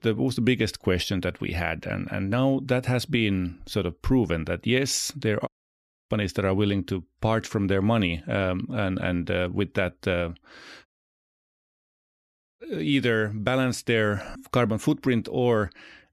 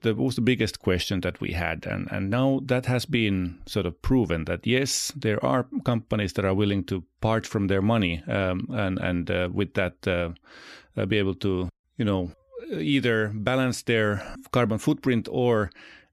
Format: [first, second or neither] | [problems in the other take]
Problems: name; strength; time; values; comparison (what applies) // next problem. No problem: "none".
second | audio cutting out; at 5.5 s for 0.5 s and at 11 s for 1.5 s